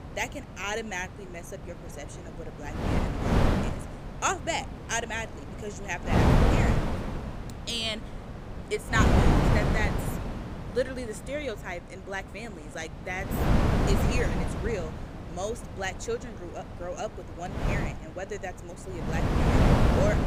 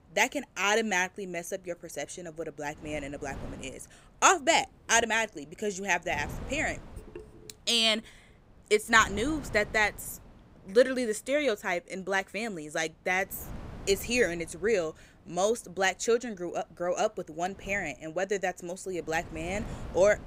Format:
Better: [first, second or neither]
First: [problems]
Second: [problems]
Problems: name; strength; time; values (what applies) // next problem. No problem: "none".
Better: second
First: wind noise on the microphone; heavy; 2 dB above the speech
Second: wind noise on the microphone; occasional gusts; 20 dB below the speech